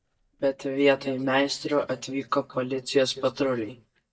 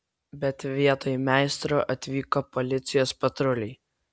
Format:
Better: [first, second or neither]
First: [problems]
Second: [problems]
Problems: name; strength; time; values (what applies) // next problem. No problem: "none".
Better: second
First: noise reduction (neural mask model DeepFilterNet 3)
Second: none